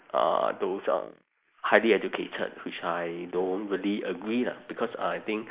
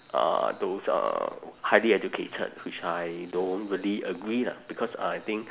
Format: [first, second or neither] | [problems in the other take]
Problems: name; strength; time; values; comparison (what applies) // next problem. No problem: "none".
second | noise reduction (neural mask model Resemble Enhance denoiser)